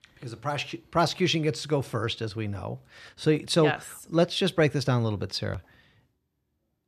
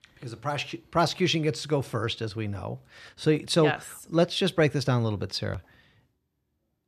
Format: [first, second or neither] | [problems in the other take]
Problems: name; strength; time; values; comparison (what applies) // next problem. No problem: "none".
neither | none